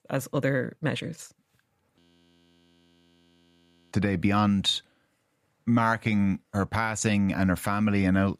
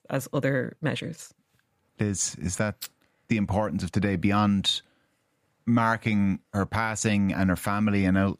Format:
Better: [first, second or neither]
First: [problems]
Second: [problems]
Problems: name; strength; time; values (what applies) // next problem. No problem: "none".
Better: second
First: audio freezing; at 2 s for 2 s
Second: none